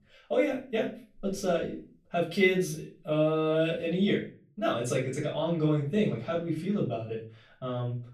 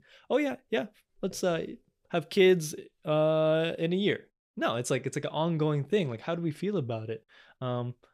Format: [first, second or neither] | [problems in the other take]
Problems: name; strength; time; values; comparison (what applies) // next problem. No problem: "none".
second | off-mic speech; far // room echo; slight; dies away in 0.3 s